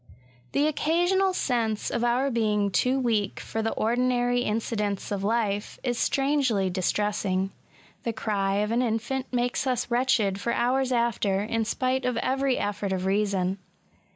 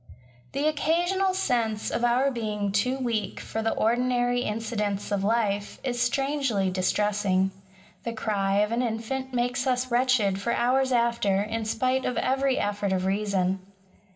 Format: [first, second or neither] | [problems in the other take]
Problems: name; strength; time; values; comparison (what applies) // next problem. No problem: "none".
first | room echo; dies away in 0.7 s